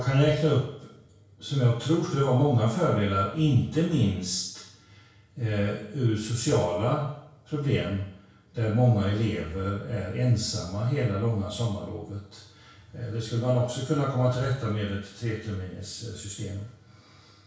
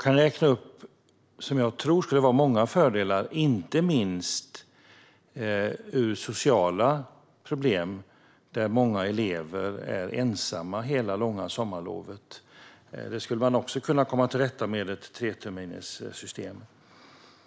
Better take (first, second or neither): second